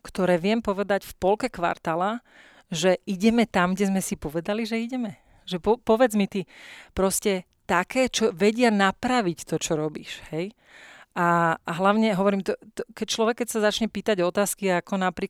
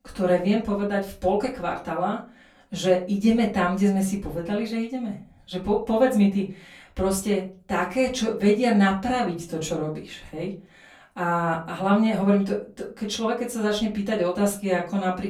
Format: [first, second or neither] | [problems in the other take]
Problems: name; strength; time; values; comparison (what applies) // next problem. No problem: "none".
first | off-mic speech; far // room echo; very slight; dies away in 0.3 s